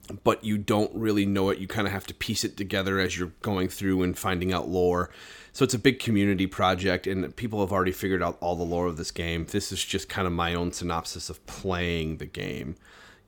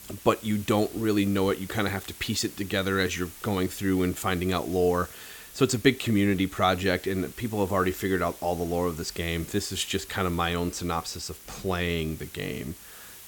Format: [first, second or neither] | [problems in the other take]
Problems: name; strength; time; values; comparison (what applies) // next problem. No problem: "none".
first | hiss; noticeable; throughout; 15 dB below the speech